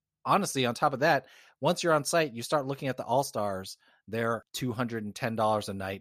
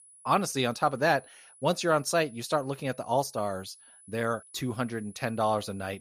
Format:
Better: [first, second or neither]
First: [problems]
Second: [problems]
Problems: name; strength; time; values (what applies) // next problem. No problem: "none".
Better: first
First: none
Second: high-pitched whine; faint; throughout; 10 kHz, 25 dB below the speech